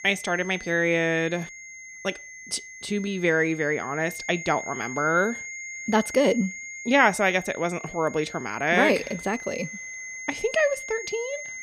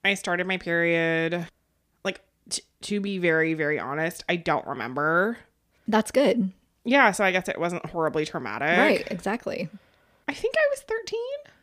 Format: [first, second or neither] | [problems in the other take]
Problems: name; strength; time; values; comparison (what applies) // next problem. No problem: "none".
second | high-pitched whine; noticeable; throughout; 2 kHz, 10 dB below the speech